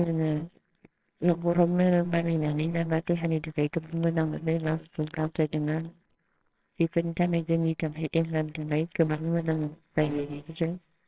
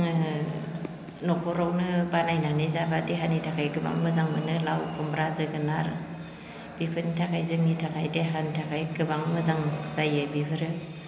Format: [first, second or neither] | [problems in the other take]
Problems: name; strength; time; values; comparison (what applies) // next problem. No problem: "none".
second | noise reduction (neural separator model SepFormer WHAMR!)